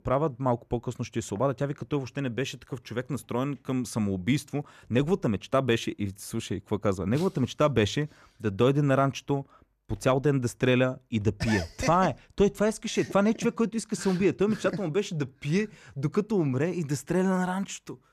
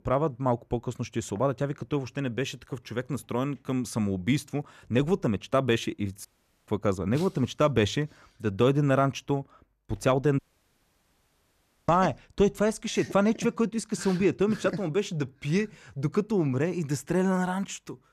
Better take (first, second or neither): first